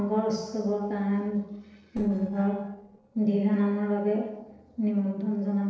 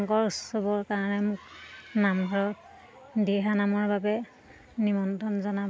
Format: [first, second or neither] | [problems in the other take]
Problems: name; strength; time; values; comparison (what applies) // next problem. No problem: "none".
second | noise reduction (neural separator model SepFormer DNS4)